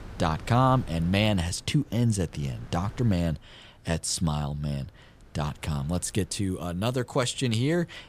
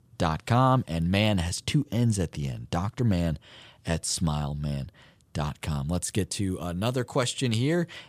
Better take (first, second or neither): second